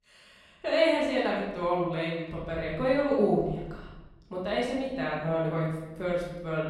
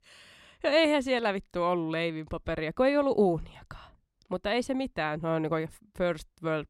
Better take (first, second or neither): second